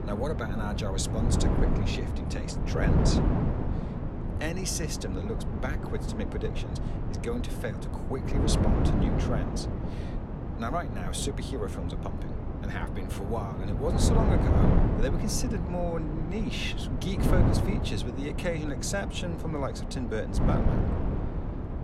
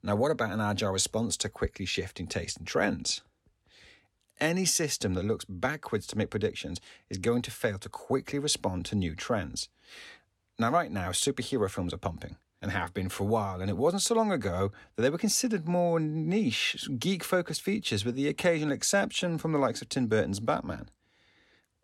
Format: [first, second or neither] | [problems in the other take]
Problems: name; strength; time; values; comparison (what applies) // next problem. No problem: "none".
second | wind noise on the microphone; heavy; 1 dB below the speech